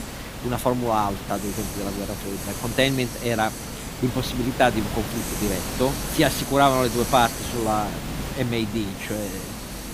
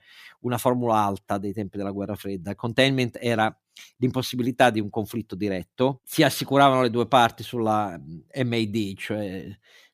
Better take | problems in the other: second | hiss; loud; throughout; 6 dB below the speech

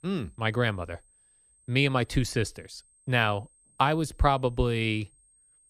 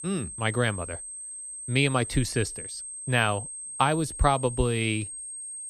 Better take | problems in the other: first | high-pitched whine; loud; throughout; 8.5 kHz, 9 dB below the speech; faint in the first

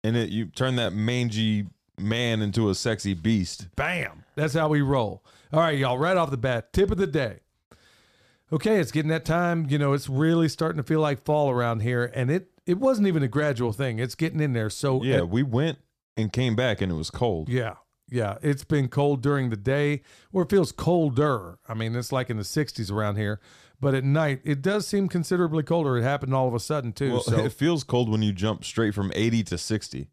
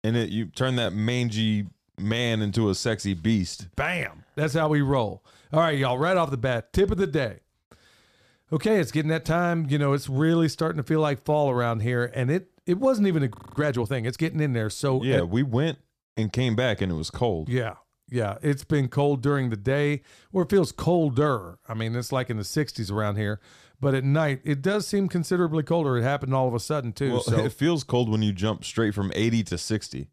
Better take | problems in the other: first | audio freezing; at 13 s

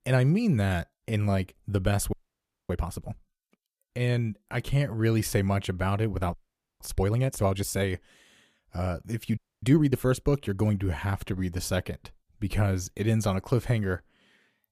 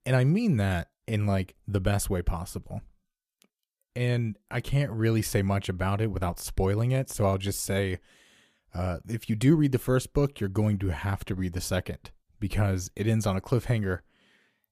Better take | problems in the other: second | audio freezing; at 2 s for 0.5 s, at 6.5 s and at 9.5 s

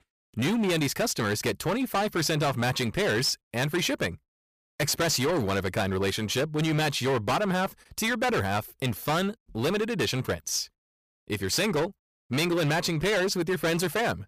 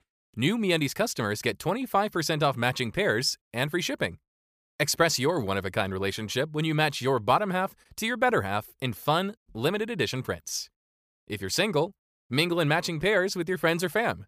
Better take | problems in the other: second | distortion; heavy; 18% of the sound clipped

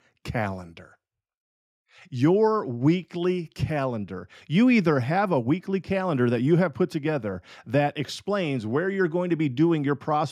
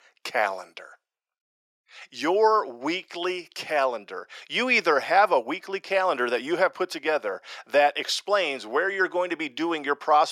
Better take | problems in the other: first | thin; very; fading below 550 Hz

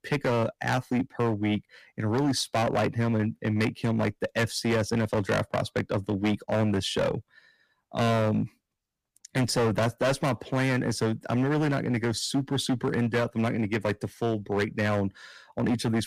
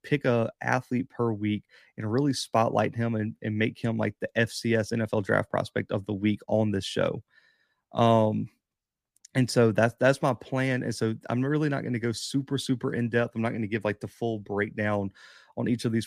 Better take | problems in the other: second | distortion; heavy; 12% of the sound clipped

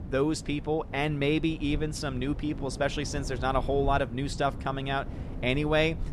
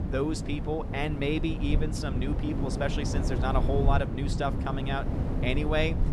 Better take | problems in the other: first | wind noise on the microphone; heavy; 7 dB below the speech; occasional gusts in the first

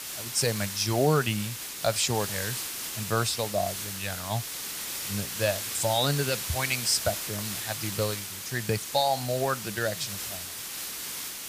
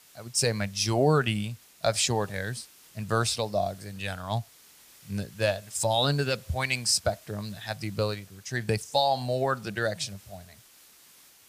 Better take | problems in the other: second | hiss; loud; throughout; 4 dB below the speech; faint in the second

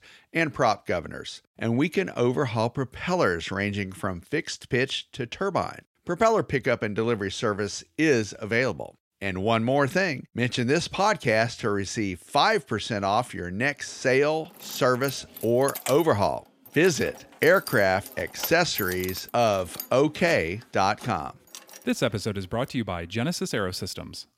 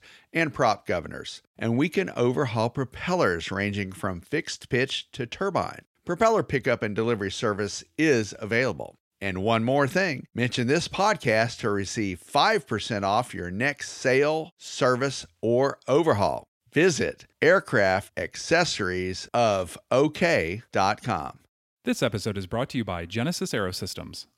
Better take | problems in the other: second | jangling keys; noticeable; from 15 to 22 s; peak 7 dB below the speech

